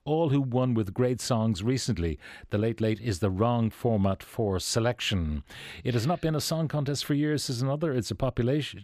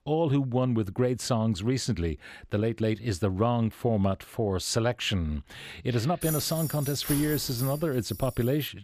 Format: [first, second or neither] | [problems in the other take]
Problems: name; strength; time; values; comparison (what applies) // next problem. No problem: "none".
first | jangling keys; noticeable; from 6 s on; peak 4 dB below the speech